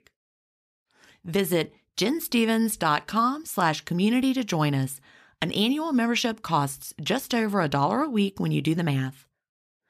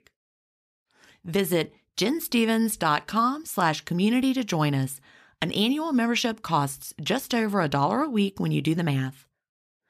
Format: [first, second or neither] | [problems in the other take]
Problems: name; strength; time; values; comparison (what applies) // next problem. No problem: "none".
neither | none